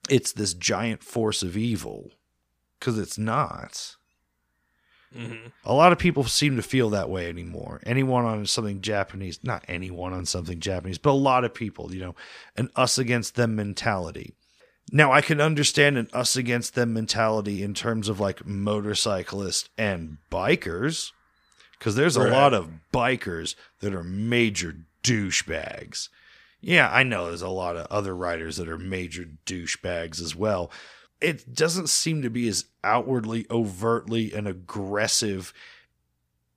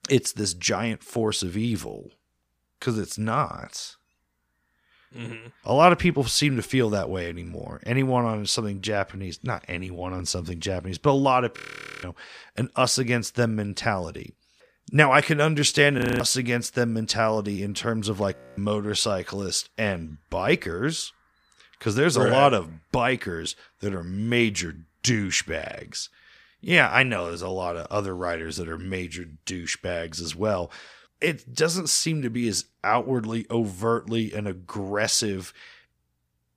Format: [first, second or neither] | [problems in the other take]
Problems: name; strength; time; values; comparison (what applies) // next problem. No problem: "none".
first | audio freezing; at 12 s, at 16 s and at 18 s